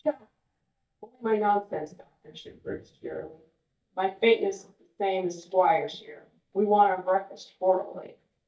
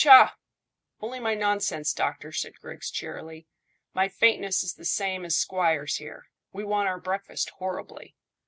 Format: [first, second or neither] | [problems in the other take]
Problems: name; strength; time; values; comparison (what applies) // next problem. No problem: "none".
second | noise reduction (neural mask model DeepFilterNet 3)